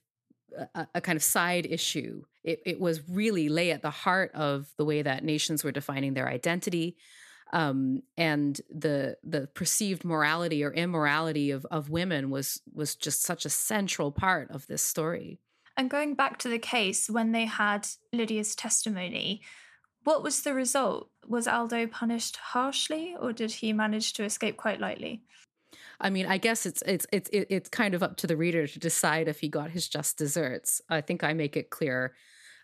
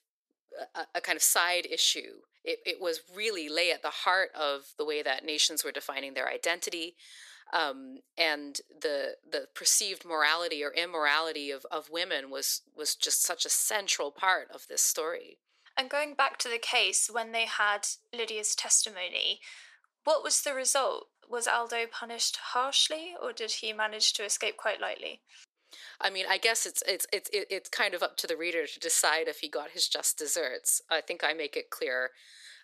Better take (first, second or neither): first